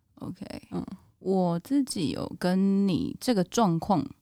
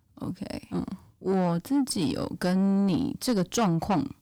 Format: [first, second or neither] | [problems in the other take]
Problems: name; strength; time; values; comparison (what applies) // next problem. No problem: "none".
first | distortion; slight; 10 dB below the speech